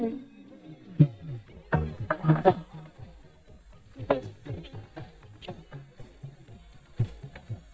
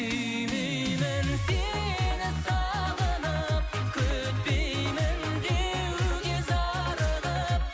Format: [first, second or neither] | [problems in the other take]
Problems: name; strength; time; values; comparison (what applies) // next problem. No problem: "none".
second | noise reduction (neural mask model DeepFilterNet 3)